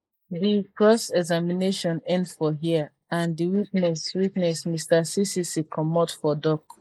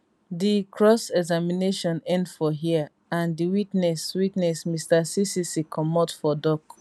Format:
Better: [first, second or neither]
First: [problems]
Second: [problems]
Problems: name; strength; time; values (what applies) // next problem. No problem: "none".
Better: second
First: noise reduction (neural mask model Resemble Enhance denoiser)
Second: none